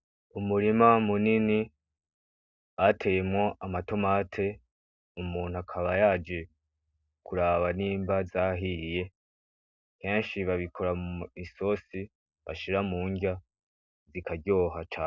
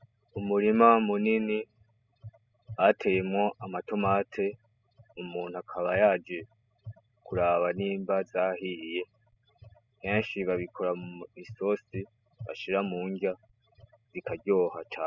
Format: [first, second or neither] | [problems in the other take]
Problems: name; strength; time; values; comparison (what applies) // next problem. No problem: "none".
first | noise reduction (classical method spectral subtraction)